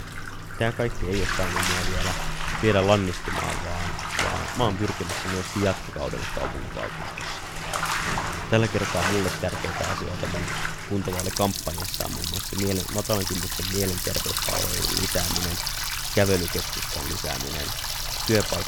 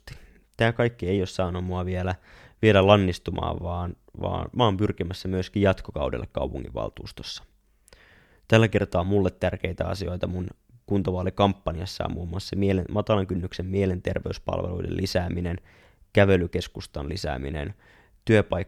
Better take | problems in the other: second | household noises; very loud; throughout; as loud as the speech

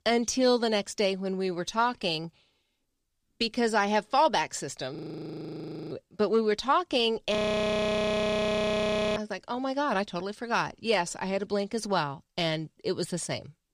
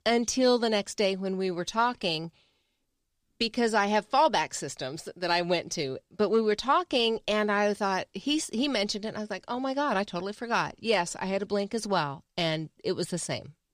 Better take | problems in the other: second | audio freezing; at 5 s for 1 s and at 7.5 s for 2 s

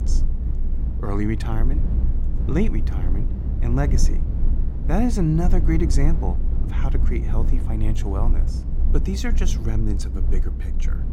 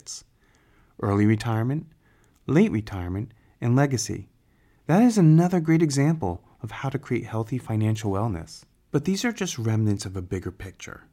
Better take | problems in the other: second | low rumble; loud; throughout; 9 dB below the speech

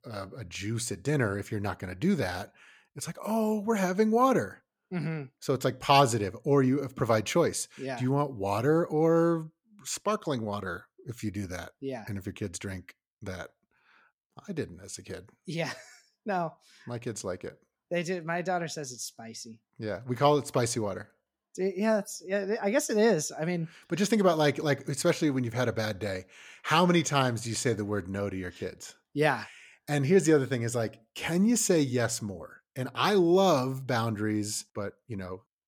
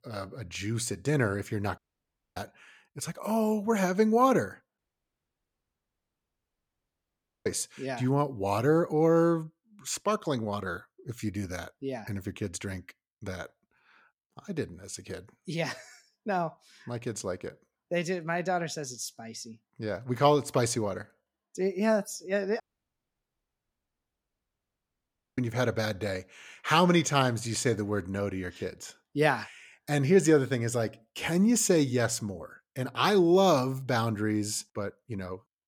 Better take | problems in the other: first | audio cutting out; at 2 s for 0.5 s, at 5 s for 2.5 s and at 23 s for 3 s

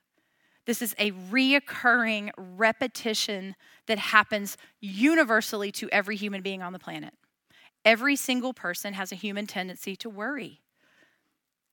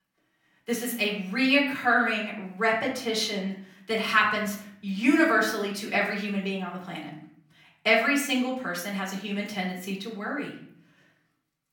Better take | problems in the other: first | off-mic speech; far // room echo; slight; dies away in 0.7 s

